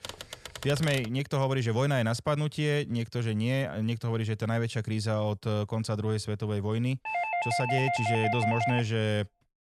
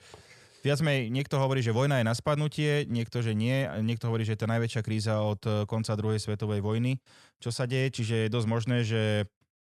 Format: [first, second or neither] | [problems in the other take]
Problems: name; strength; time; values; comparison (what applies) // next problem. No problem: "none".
second | keyboard typing; noticeable; until 1 s; peak 8 dB below the speech // doorbell; loud; from 7 to 9 s; peak 1 dB above the speech